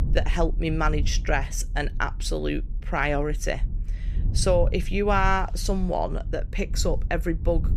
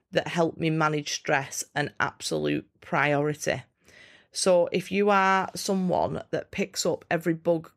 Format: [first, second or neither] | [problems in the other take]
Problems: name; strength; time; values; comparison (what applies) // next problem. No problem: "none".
second | low rumble; faint; throughout; 20 dB below the speech